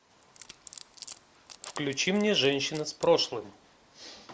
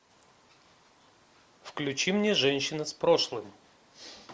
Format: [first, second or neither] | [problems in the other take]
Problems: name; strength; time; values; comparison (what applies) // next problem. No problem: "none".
second | background sound (Wood); 20 dB below the speech